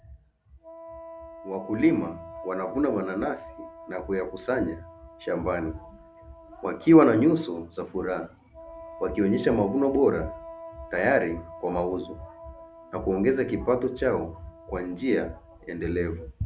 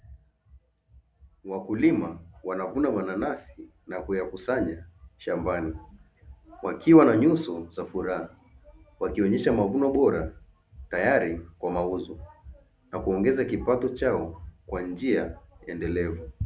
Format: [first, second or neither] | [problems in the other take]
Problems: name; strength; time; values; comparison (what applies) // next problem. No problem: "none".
second | background sound (Wind instrument, woodwind instrument); 18 dB below the speech